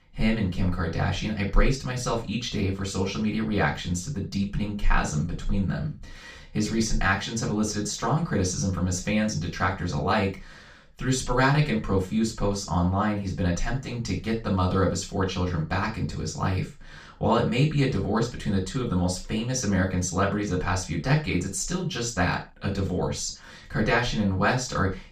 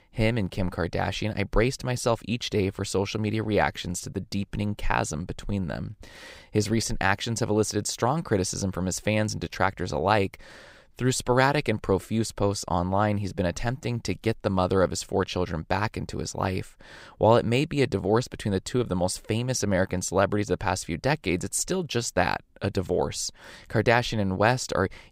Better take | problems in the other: second | room echo; slight; dies away in 0.3 s // off-mic speech; far

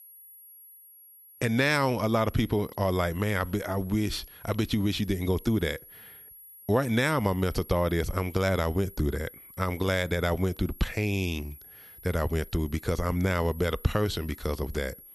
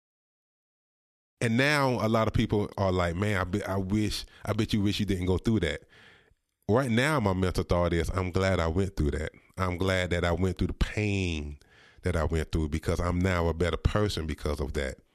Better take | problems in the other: second | high-pitched whine; noticeable; throughout; 11.5 kHz, 20 dB below the speech

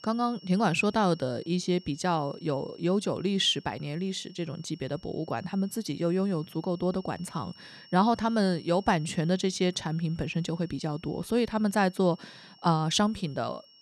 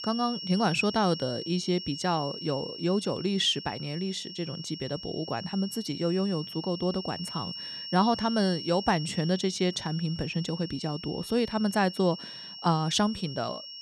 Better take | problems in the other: first | high-pitched whine; loud; throughout; 5.5 kHz, 9 dB below the speech; faint in the first

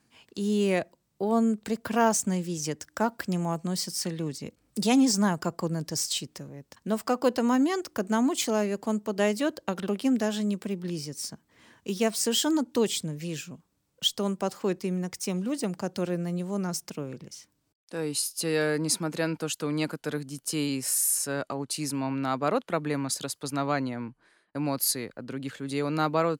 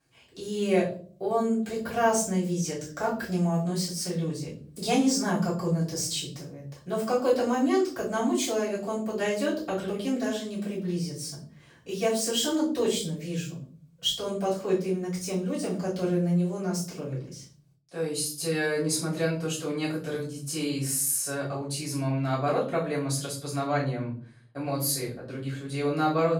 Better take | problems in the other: first | room echo; noticeable; dies away in 0.5 s // off-mic speech; far

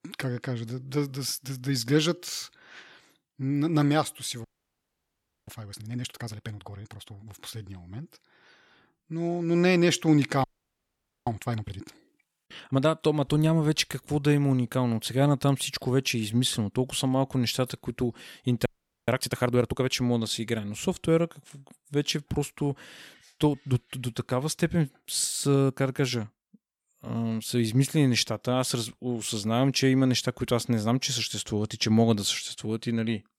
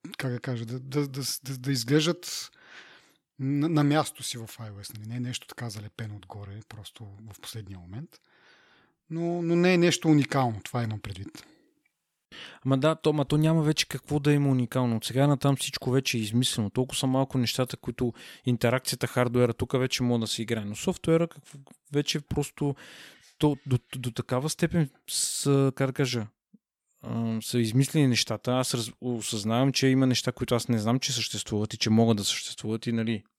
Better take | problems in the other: second | audio freezing; at 4.5 s for 1 s, at 10 s for 1 s and at 19 s

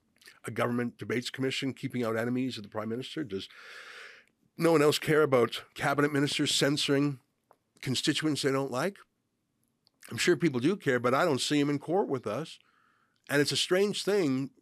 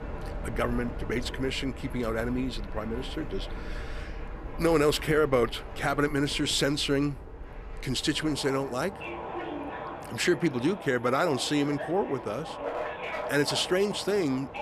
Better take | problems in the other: first | train or aircraft noise; noticeable; throughout; 10 dB below the speech

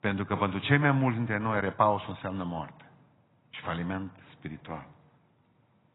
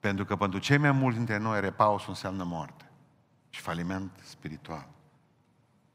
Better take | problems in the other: second | garbled, watery; badly; nothing above 4 kHz

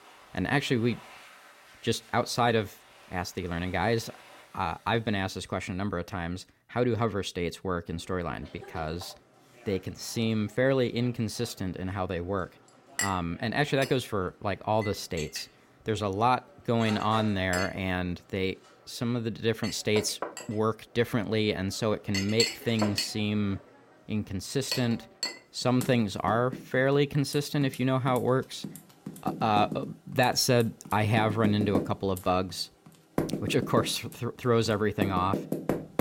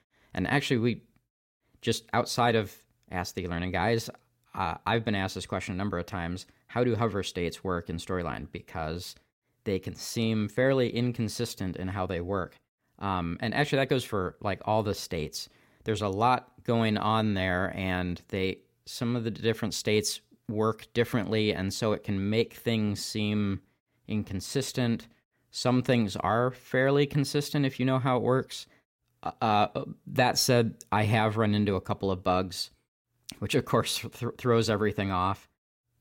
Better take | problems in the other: second | household noises; loud; throughout; 7 dB below the speech

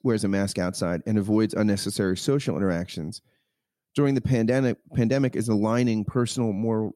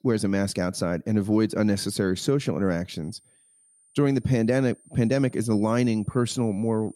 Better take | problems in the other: first | high-pitched whine; faint; from 3 s on; 9 kHz, 30 dB below the speech

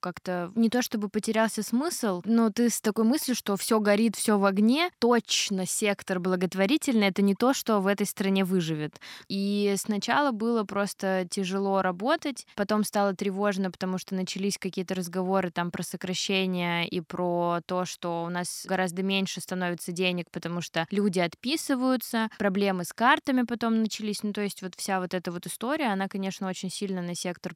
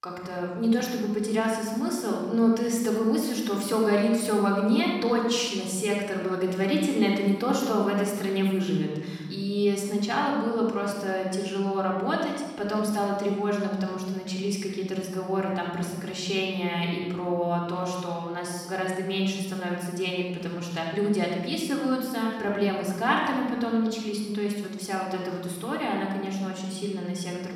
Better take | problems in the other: first | off-mic speech; somewhat distant // room echo; noticeable; dies away in 1.6 s

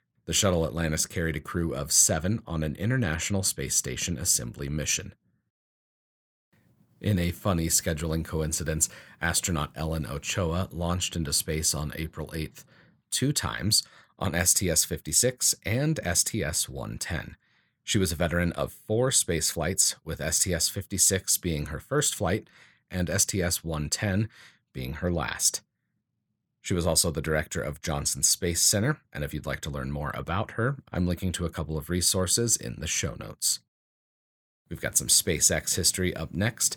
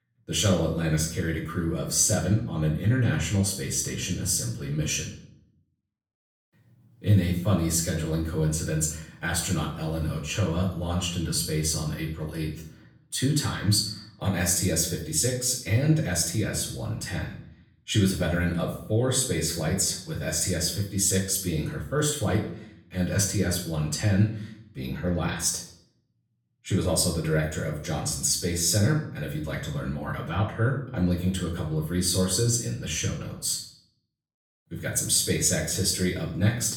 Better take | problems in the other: first | off-mic speech; far // room echo; slight; dies away in 0.5 s

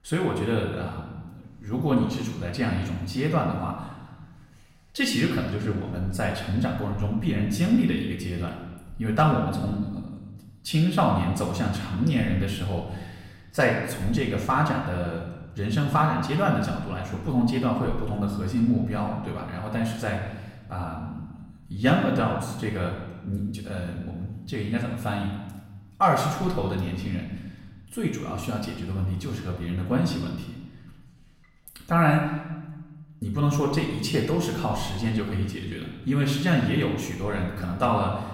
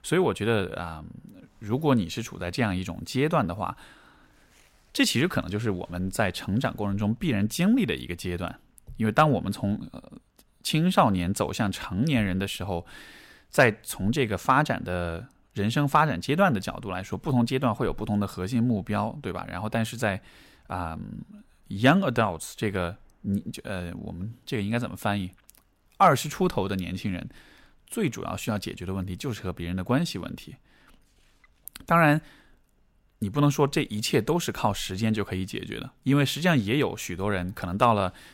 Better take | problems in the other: second | off-mic speech; far // room echo; noticeable; dies away in 1.1 s

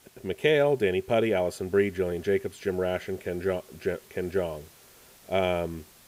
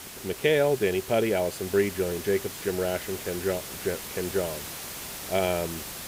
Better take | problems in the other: first | hiss; loud; throughout; 9 dB below the speech; faint in the first

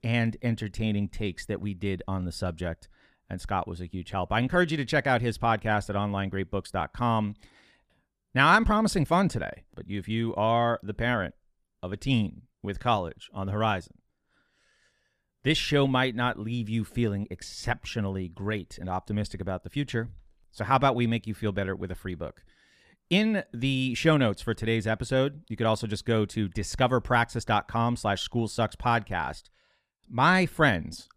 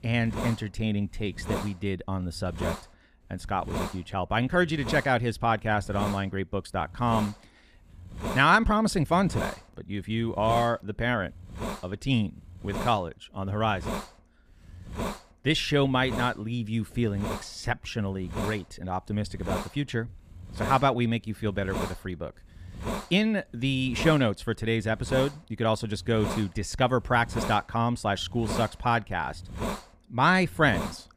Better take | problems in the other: first | hiss; loud; throughout; 9 dB below the speech

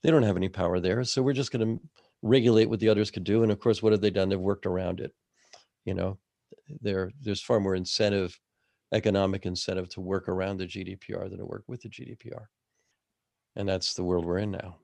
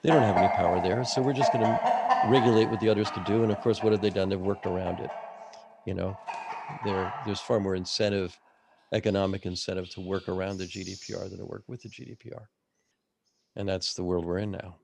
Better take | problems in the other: first | animal sounds; loud; throughout; 1 dB below the speech

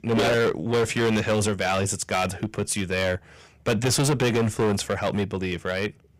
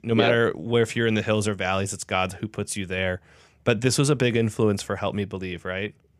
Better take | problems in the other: second | distortion; heavy; 15% of the sound clipped

